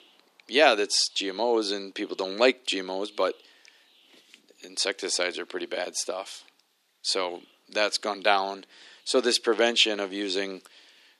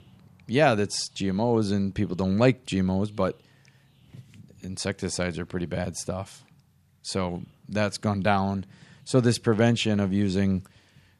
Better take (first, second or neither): second